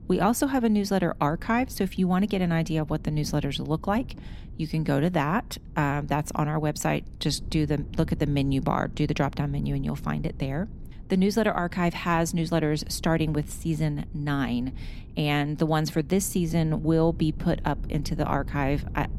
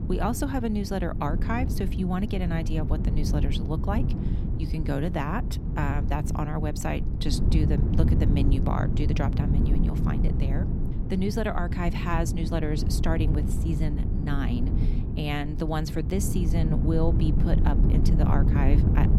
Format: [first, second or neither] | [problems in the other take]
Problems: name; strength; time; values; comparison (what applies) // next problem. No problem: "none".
first | wind noise on the microphone; heavy; 5 dB below the speech; occasional gusts in the first